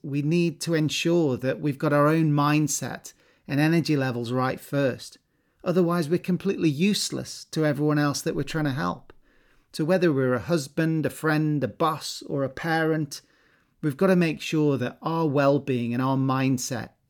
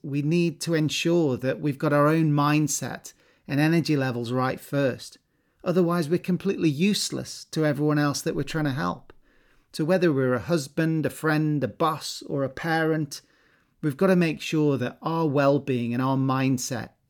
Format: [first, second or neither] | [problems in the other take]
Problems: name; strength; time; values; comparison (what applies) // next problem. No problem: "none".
neither | none